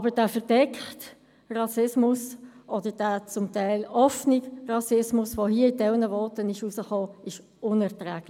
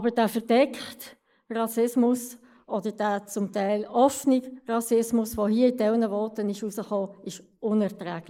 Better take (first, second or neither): first